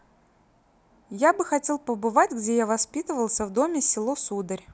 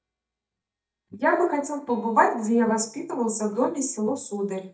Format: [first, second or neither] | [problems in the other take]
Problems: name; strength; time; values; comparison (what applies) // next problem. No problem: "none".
first | noise reduction (neural mask model DeepFilterNet 3)